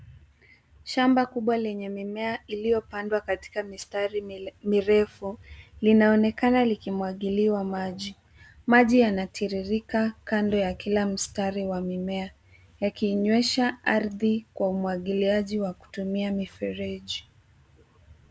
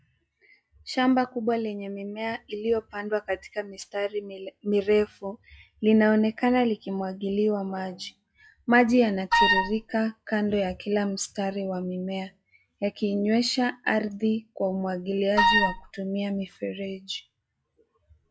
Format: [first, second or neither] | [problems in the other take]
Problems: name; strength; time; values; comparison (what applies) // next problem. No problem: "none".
first | noise reduction (classical method log-MMSE)